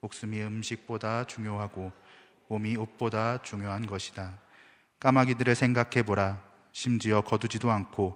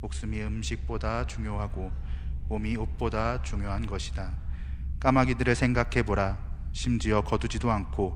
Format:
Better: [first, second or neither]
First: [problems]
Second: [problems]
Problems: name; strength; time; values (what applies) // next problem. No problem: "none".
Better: first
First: none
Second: low rumble; faint; throughout; 25 dB below the speech